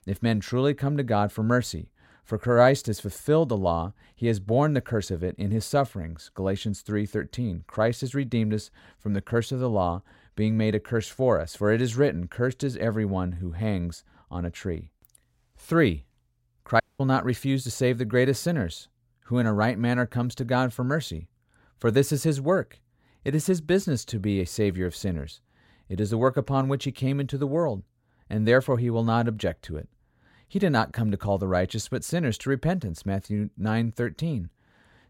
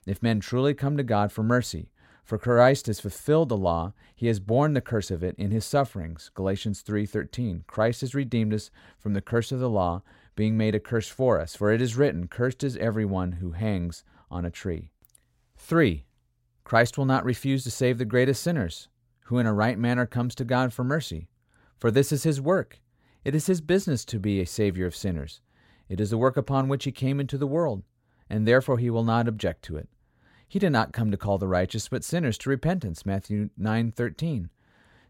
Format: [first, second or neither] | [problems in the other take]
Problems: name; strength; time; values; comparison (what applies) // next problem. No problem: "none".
second | audio cutting out; at 17 s